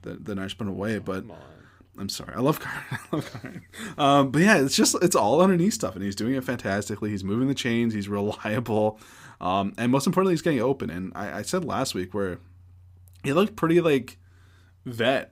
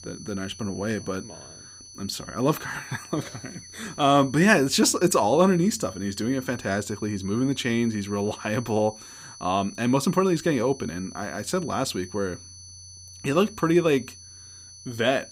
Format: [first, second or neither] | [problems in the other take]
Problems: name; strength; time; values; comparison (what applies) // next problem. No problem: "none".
first | high-pitched whine; noticeable; throughout; 6 kHz, 20 dB below the speech